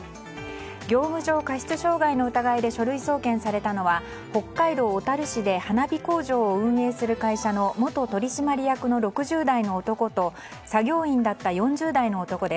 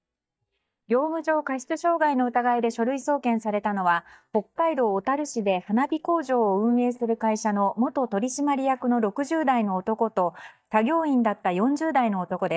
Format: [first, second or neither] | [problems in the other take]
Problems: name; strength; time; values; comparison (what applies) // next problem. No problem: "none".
first | noise reduction (neural mask model DeepFilterNet 3)